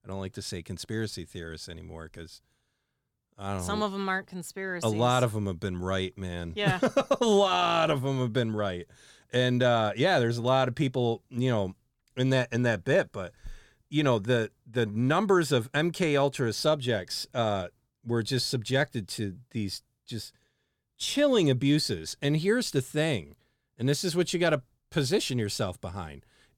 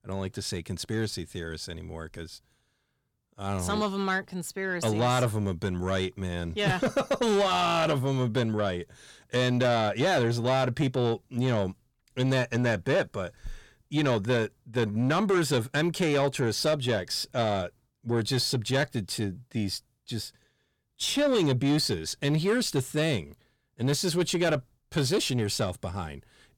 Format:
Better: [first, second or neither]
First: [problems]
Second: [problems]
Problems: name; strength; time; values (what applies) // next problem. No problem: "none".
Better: first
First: none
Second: distortion; slight; 10 dB below the speech